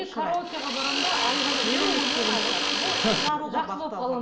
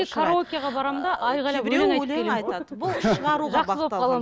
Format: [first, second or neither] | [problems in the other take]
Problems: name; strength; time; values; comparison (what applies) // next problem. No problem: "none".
second | background sound (Tools); 2 dB above the speech // room echo; dies away in 0.8 s